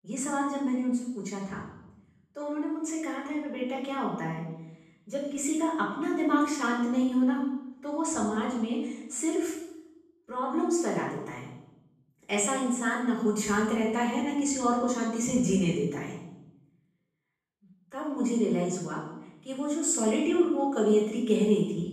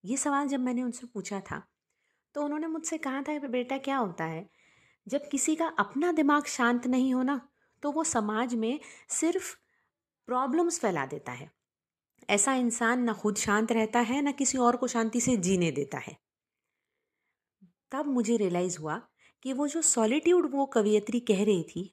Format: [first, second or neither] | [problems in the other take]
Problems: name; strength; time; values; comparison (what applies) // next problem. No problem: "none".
second | off-mic speech; far // room echo; noticeable; dies away in 0.8 s